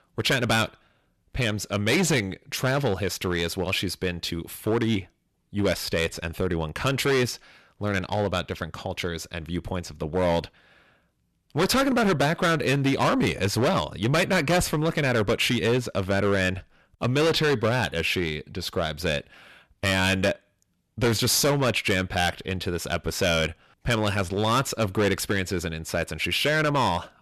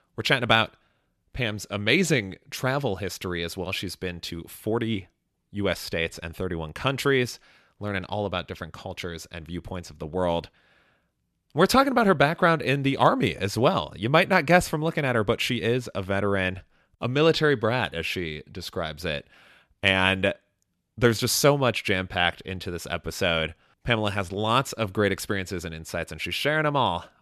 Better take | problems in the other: second | distortion; heavy; 9% of the sound clipped

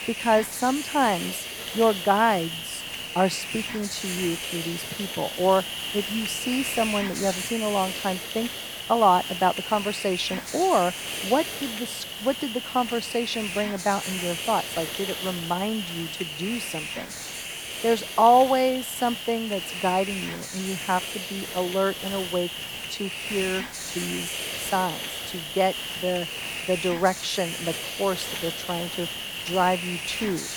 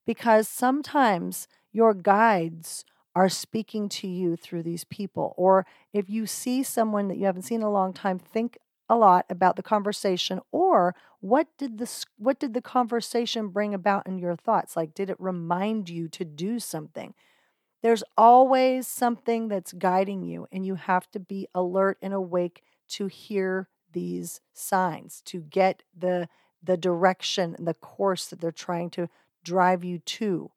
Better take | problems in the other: second | hiss; loud; throughout; 5 dB below the speech

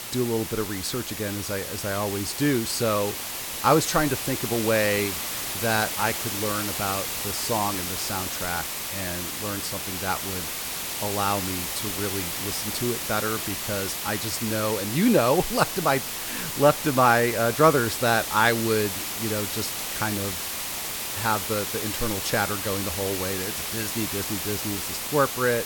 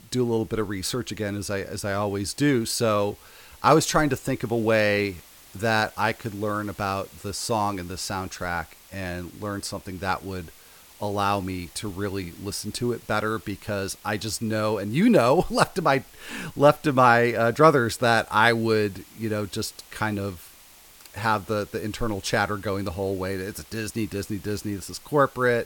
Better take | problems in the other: second | hiss; loud; throughout; 3 dB below the speech; faint in the second

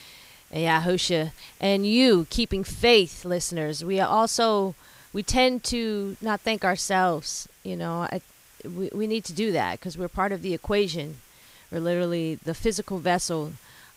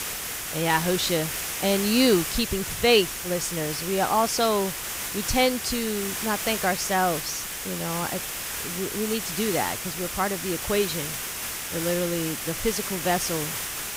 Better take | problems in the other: first | hiss; loud; throughout; 3 dB below the speech; faint in the first

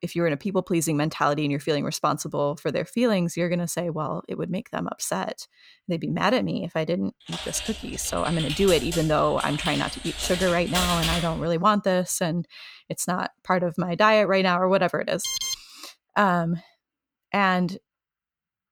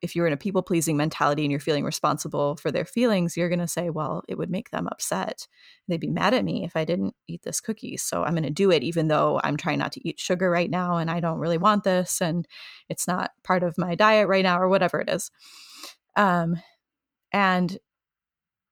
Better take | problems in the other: second | keyboard typing; loud; from 7.5 to 11 s; peak 1 dB above the speech // alarm; noticeable; at 15 s; peak 2 dB below the speech

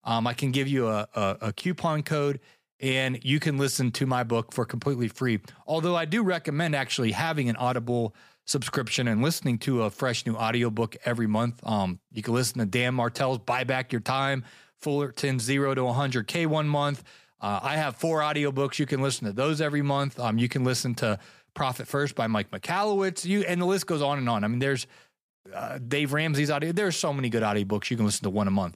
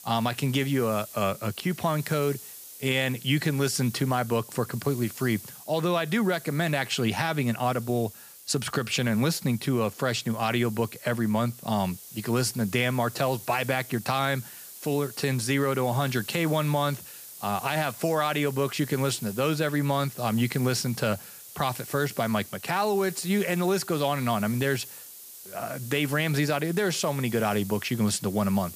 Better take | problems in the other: first | hiss; noticeable; throughout; 15 dB below the speech

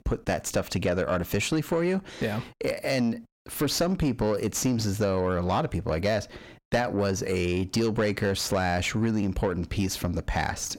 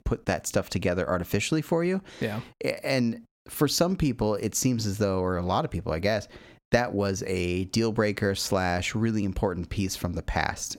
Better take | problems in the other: second | distortion; slight; 10 dB below the speech

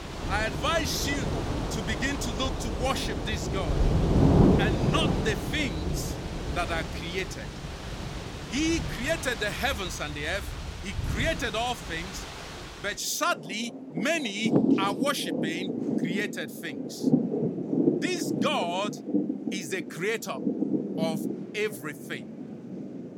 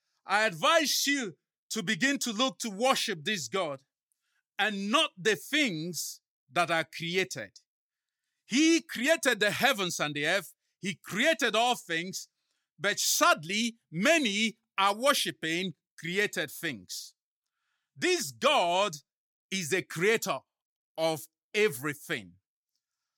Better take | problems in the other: second | rain or running water; very loud; throughout; 1 dB above the speech

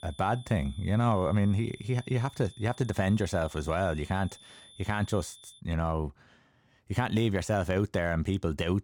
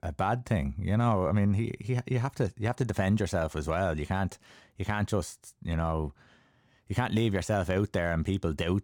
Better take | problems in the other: second | high-pitched whine; faint; until 5.5 s; 3.5 kHz, 20 dB below the speech

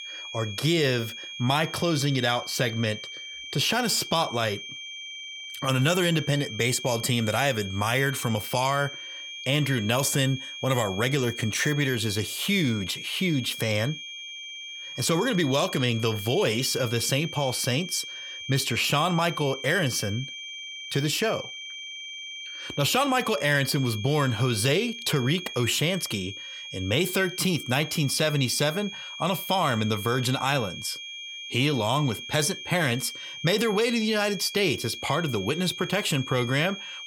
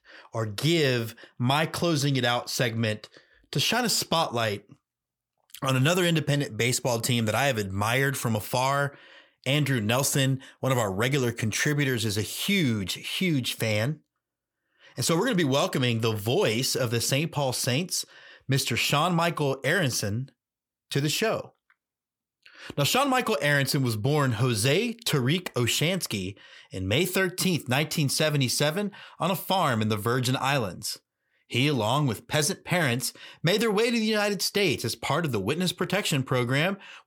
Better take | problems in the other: second | high-pitched whine; noticeable; throughout; 3.5 kHz, 10 dB below the speech

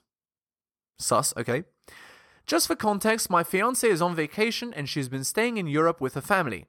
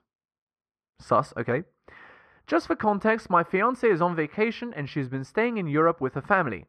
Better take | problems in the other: first | muffled; very; fading above 1.5 kHz

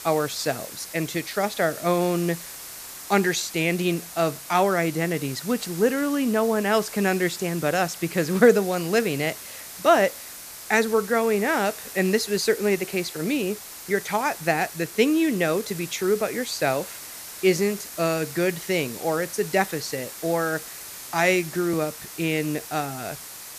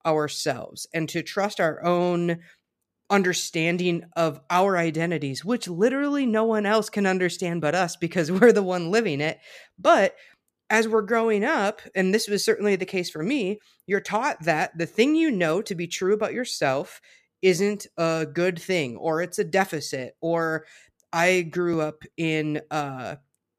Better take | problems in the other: second | hiss; noticeable; throughout; 10 dB below the speech

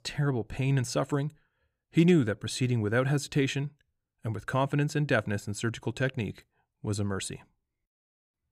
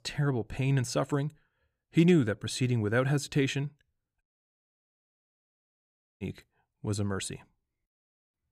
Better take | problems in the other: first | audio cutting out; at 4 s for 2 s

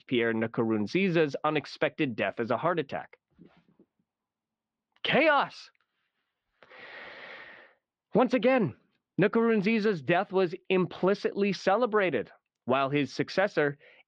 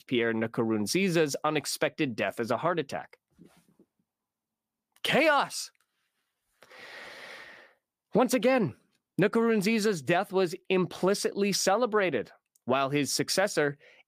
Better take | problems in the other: second | muffled; slightly; fading above 3.5 kHz

